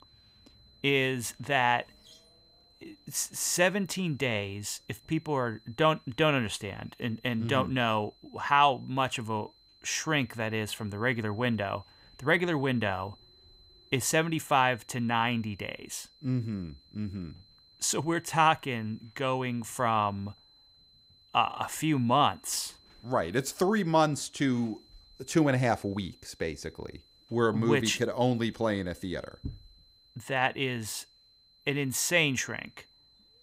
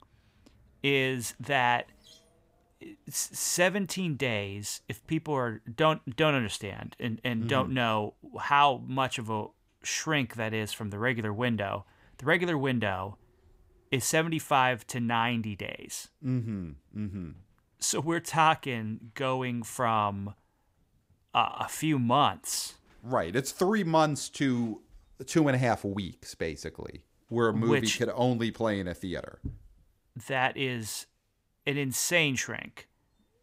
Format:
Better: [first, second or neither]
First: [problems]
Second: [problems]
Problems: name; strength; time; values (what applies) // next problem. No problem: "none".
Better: second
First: high-pitched whine; faint; throughout; 4 kHz, 30 dB below the speech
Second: none